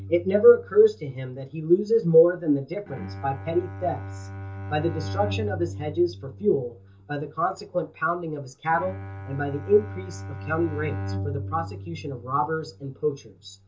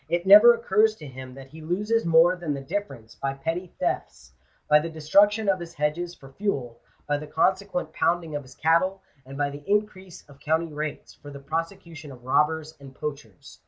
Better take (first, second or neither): second